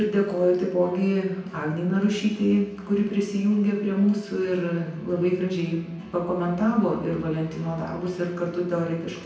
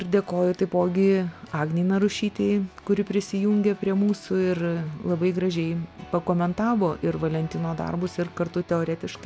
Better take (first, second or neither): second